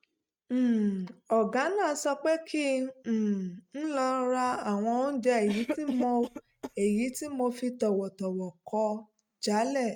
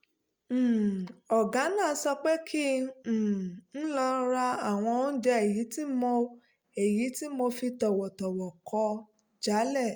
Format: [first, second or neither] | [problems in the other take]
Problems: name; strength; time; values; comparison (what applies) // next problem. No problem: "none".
second | noise reduction (neural mask model RNNoise)